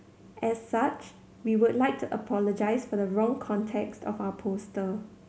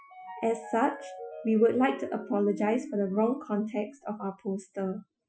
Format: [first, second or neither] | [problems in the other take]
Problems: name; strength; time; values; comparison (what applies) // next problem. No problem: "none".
first | noise reduction (classical method Wiener filter)